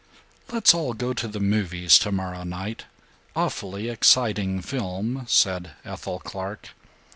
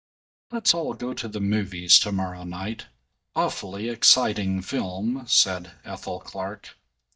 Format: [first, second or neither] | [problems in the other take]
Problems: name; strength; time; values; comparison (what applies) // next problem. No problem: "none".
first | noise reduction (neural mask model DeepFilterNet 3)